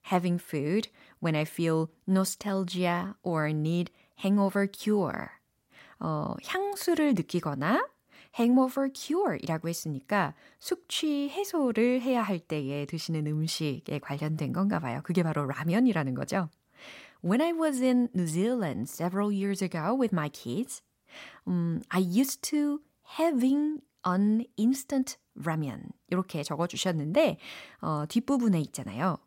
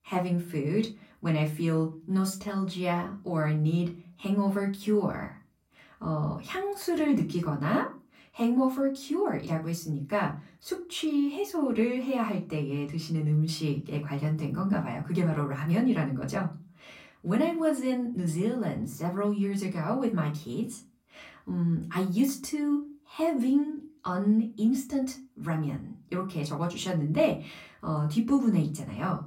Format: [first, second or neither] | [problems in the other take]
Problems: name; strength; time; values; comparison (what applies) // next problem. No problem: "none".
first | off-mic speech; far // room echo; very slight; dies away in 0.3 s